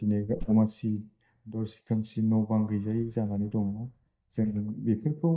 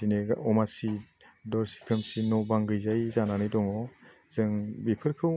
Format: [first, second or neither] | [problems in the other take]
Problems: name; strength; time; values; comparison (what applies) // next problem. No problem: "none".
second | noise reduction (neural mask model DeepFilterNet 3)